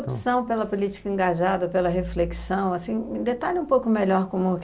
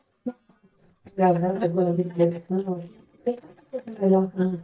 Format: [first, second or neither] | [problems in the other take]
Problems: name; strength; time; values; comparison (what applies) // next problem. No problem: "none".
first | noise reduction (neural mask model DeepFilterNet 3)